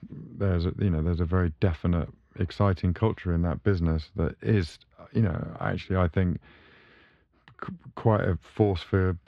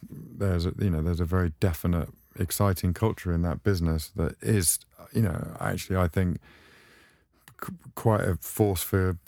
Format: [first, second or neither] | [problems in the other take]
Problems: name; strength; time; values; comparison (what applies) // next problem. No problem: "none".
second | muffled; slightly; fading above 3.5 kHz